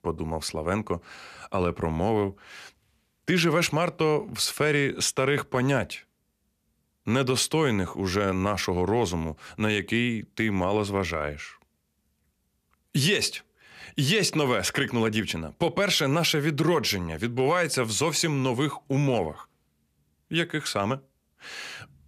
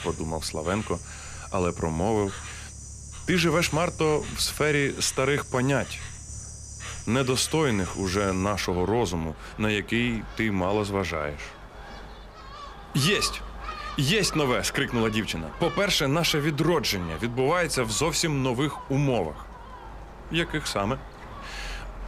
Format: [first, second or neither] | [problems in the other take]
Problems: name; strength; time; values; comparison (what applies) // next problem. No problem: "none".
first | animal sounds; noticeable; throughout; 15 dB below the speech